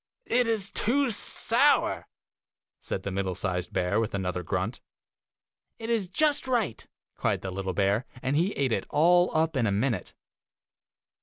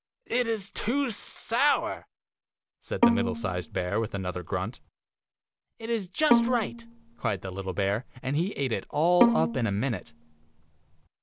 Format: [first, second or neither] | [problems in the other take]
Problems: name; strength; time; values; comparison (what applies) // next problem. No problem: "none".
first | background sound (Bowed string instrument); as loud as the speech